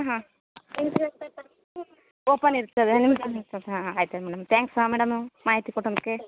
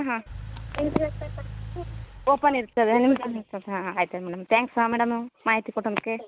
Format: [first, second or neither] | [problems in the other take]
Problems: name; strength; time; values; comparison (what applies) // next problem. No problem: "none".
first | background sound (Engine / Car); 13 dB below the speech